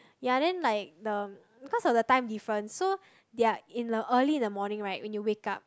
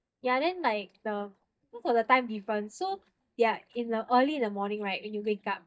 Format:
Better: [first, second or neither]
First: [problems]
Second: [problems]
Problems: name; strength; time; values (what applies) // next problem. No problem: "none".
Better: first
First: none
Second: noise reduction (neural mask model DeepFilterNet 3)